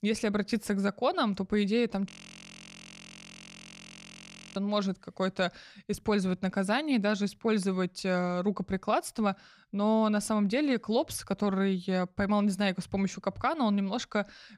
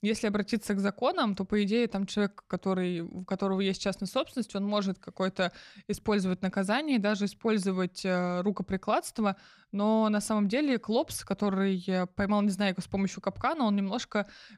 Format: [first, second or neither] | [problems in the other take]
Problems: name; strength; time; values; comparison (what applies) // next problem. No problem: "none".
second | audio freezing; at 2 s for 2.5 s